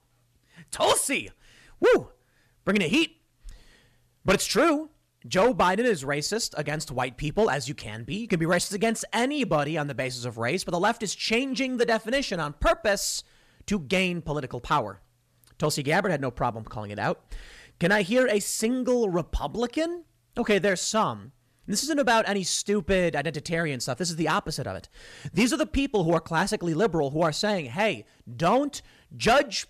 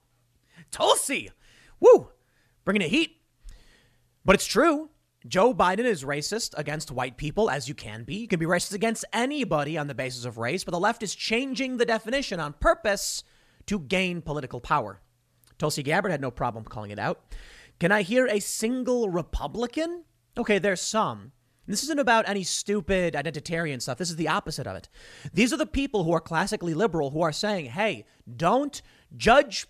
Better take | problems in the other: second | distortion; slight; 2% of the sound clipped

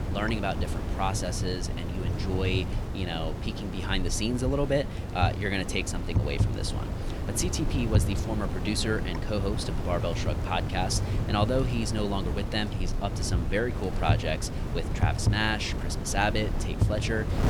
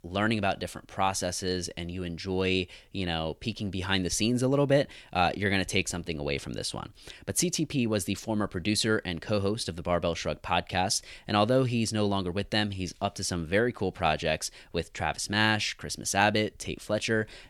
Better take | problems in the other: second | wind noise on the microphone; heavy; 8 dB below the speech

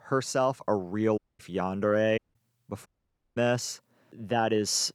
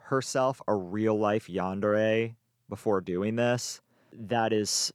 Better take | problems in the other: second | audio cutting out; at 1 s, at 2 s and at 3 s for 0.5 s

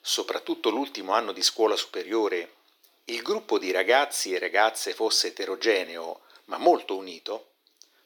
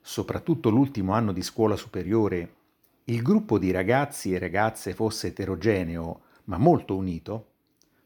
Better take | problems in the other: second | thin; very; fading below 350 Hz

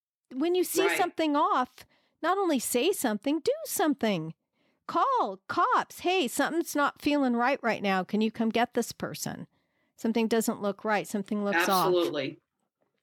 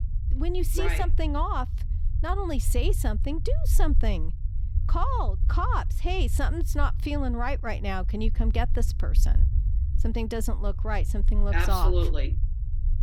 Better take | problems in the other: first | low rumble; noticeable; throughout; 15 dB below the speech

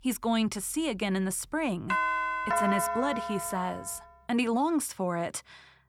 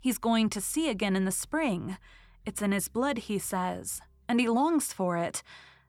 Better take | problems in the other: second | doorbell; loud; from 2 to 4 s; peak 3 dB above the speech

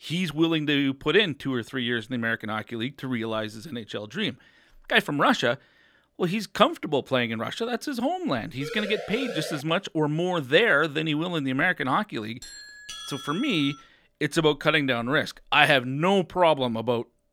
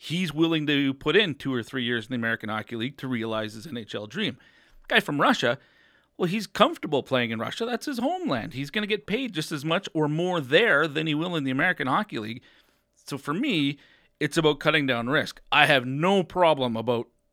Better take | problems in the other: second | siren; noticeable; from 8.5 to 9.5 s; peak 8 dB below the speech // doorbell; faint; from 12 to 14 s; peak 10 dB below the speech

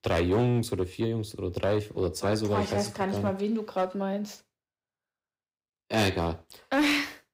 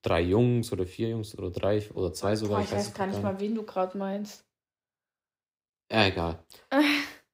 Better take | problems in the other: second | distortion; slight; 5% of the sound clipped

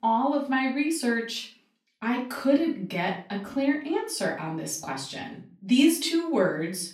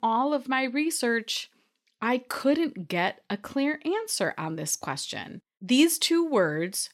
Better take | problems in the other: second | off-mic speech; far // room echo; slight; dies away in 0.4 s

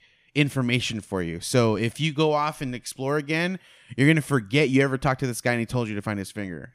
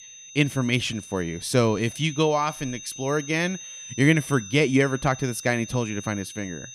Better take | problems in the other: first | high-pitched whine; noticeable; throughout; 6 kHz, 15 dB below the speech

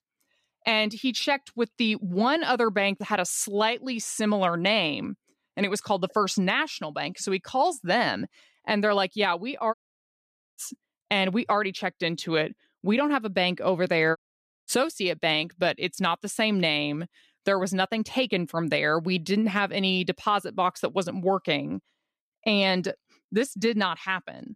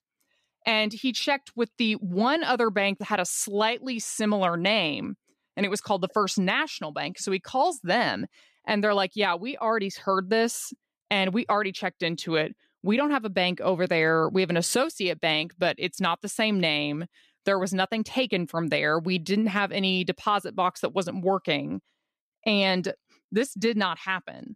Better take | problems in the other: second | audio cutting out; at 9.5 s for 1 s and at 14 s for 0.5 s

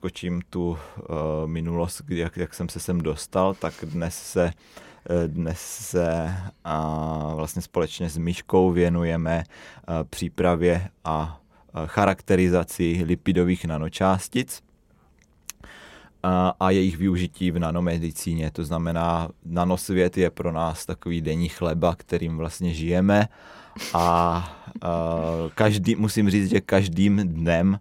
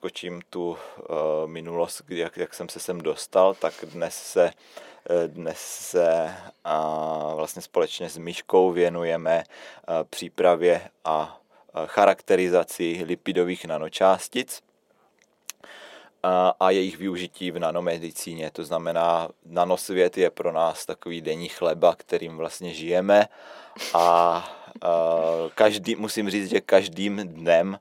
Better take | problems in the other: first | thin; somewhat; fading below 400 Hz

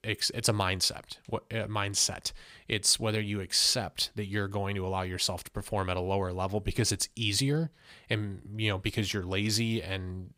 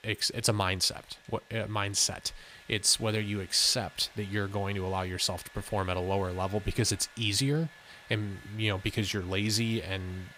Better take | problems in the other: first | household noises; faint; throughout; 20 dB below the speech

